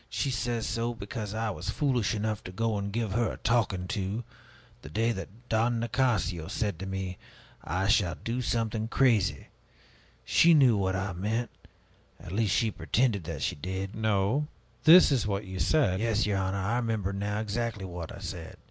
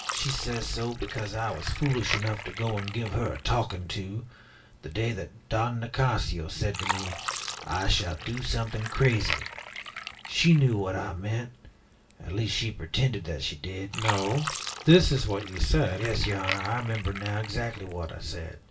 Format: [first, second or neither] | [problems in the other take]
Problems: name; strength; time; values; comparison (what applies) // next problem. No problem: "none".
first | background sound (Fill (with liquid)); 10 dB below the speech // room echo; dies away in 0.2 s